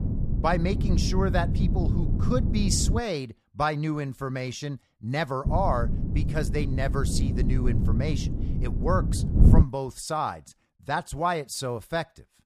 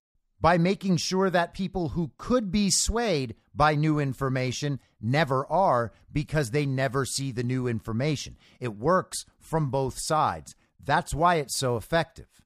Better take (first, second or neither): second